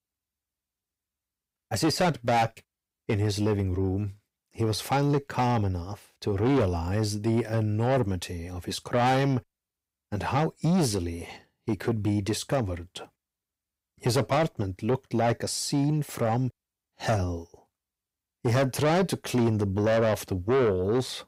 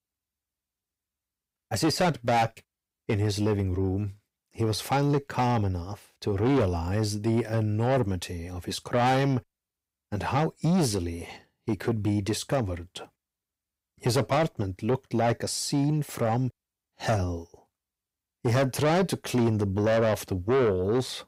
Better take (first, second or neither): neither